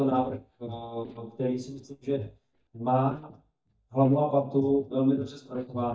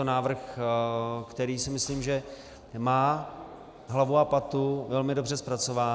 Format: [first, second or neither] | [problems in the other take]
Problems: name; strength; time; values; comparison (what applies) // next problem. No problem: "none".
second | noise reduction (neural mask model DeepFilterNet 3)